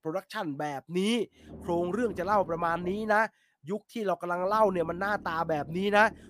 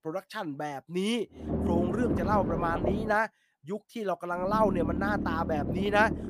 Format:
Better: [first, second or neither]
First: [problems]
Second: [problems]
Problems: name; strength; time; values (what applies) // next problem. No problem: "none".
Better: first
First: low rumble; faint; from 1.5 to 3 s and from 4.5 s on; 25 dB below the speech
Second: low rumble; loud; from 1.5 to 3 s and from 4.5 s on; 7 dB below the speech